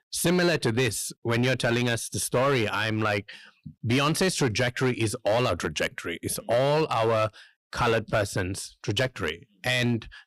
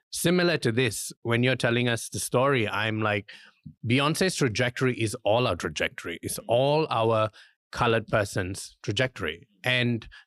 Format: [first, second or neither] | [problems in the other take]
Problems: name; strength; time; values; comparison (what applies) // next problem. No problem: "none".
second | distortion; slight; 7% of the sound clipped